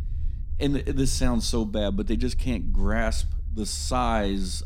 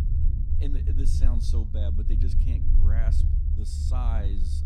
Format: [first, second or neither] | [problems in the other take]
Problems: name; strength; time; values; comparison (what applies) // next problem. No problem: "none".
first | low rumble; loud; throughout; 1 dB below the speech; faint in the first